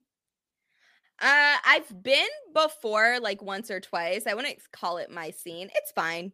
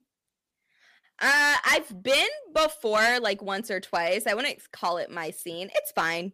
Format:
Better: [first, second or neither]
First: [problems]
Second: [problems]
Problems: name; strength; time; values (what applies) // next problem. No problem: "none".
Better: first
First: none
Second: distortion; heavy; 5% of the sound clipped